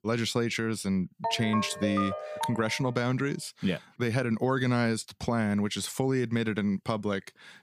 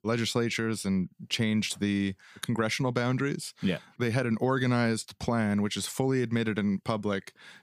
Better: second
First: phone ringing; noticeable; from 1 to 3 s; peak 3 dB below the speech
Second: none

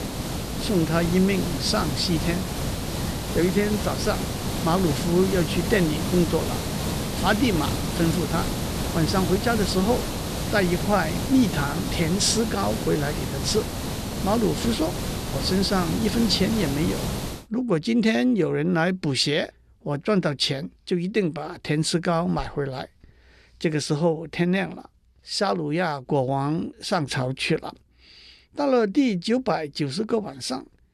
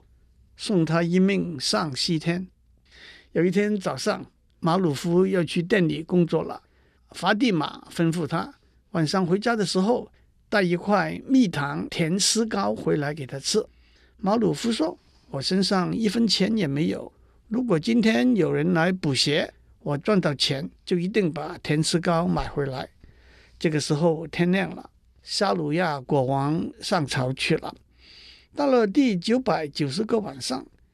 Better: second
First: hiss; loud; until 17 s; 4 dB below the speech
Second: none

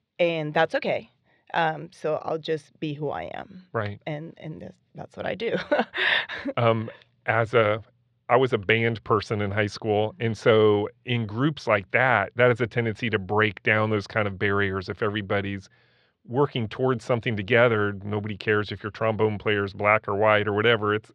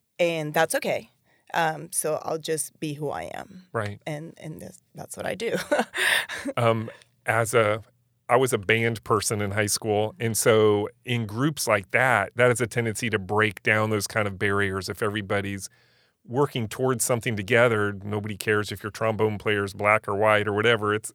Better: second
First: muffled; slightly; fading above 4 kHz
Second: none

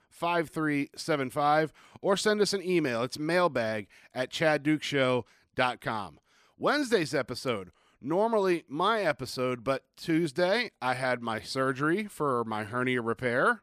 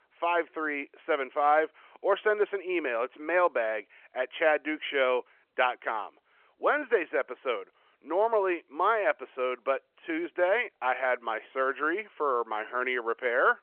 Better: first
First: none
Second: phone-call audio

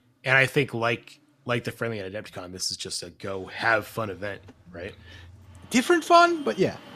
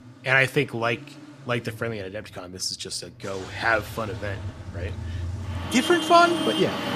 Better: first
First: traffic noise; faint; throughout; 25 dB below the speech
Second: traffic noise; loud; throughout; 7 dB below the speech

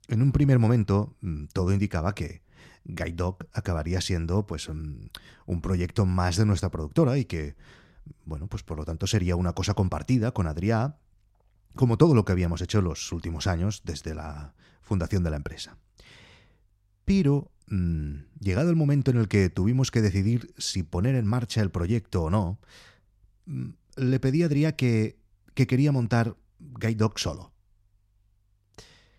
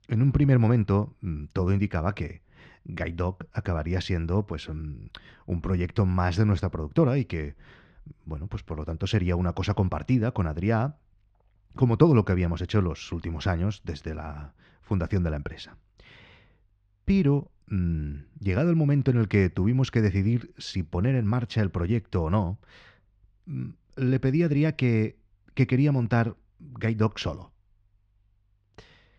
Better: first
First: none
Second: muffled; slightly; fading above 3 kHz

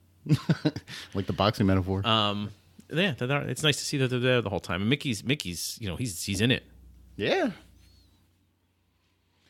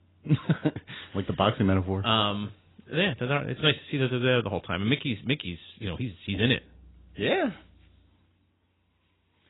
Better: first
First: none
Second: garbled, watery; badly; nothing above 4 kHz

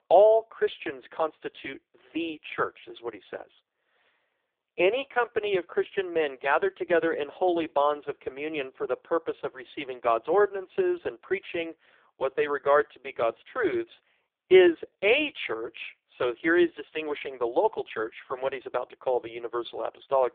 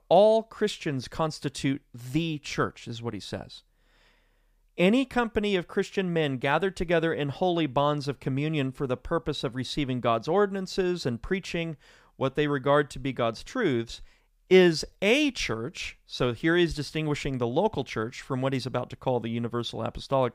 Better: second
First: phone-call audio; poor line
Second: none

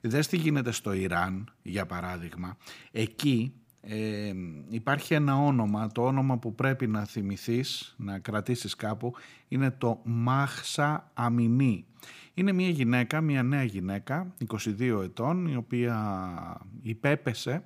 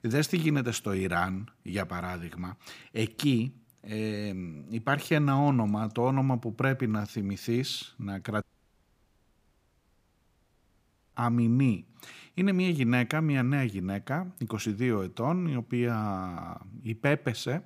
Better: first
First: none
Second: audio cutting out; at 8.5 s for 2.5 s

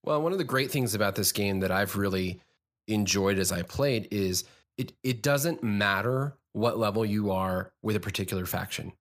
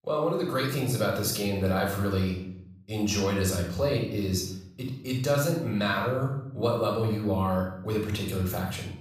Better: first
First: none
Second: off-mic speech; somewhat distant // room echo; noticeable; dies away in 0.7 s

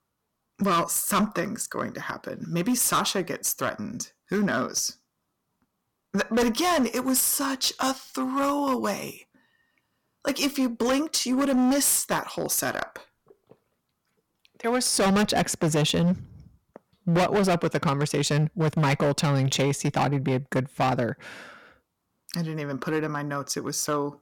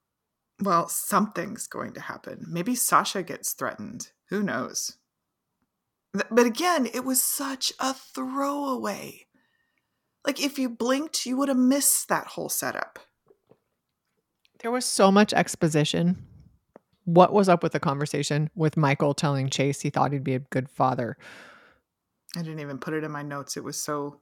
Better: second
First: distortion; heavy; 9% of the sound clipped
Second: none

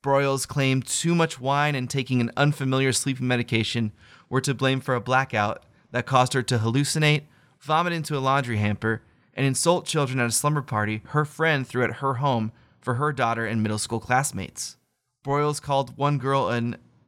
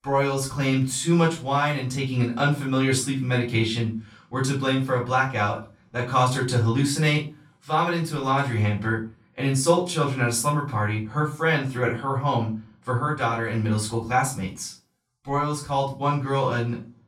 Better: first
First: none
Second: off-mic speech; far // room echo; slight; dies away in 0.3 s

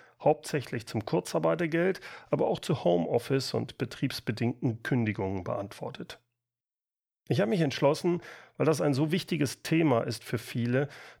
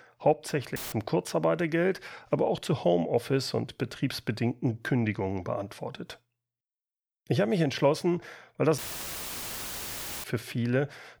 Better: first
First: none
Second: audio cutting out; filled with static; at 1 s and at 9 s for 1.5 s

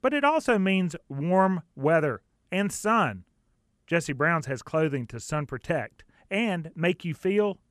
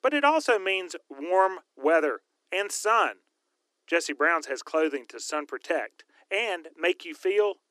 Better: first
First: none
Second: thin; somewhat; fading below 300 Hz

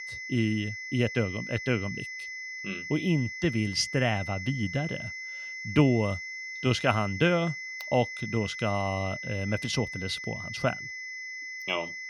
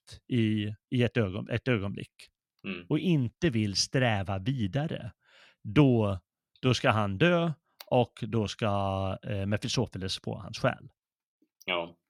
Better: second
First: high-pitched whine; loud; throughout; 2 kHz, 7 dB below the speech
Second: none

